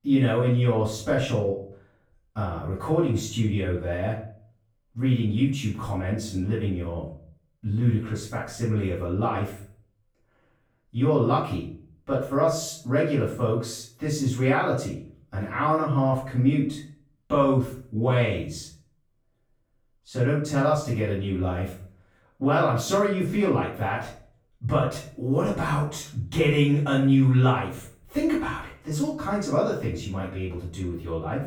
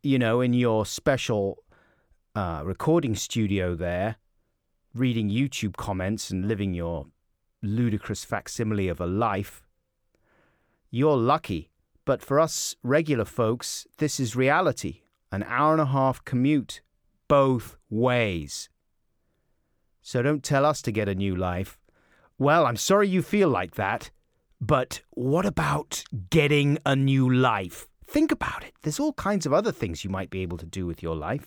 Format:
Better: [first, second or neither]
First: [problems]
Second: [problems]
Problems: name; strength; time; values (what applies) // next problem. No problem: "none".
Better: second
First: off-mic speech; far // room echo; noticeable; dies away in 0.4 s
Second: none